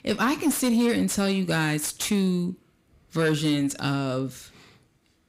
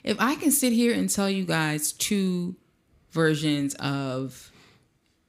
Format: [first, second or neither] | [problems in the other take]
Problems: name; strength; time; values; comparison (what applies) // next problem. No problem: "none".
second | distortion; slight; 10 dB below the speech